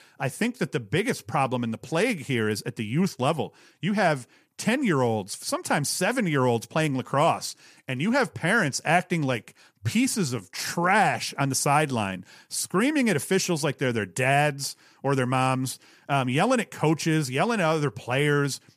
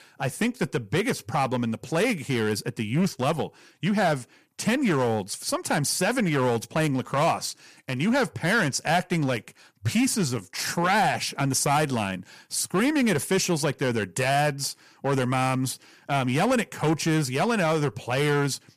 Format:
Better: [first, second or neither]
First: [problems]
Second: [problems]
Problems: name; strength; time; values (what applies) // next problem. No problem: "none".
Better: first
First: none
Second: distortion; slight; 7% of the sound clipped